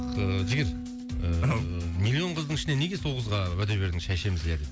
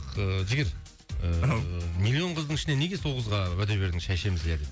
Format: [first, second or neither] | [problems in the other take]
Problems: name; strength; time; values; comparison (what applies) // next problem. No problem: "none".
second | background sound (Bass guitar); 11 dB below the speech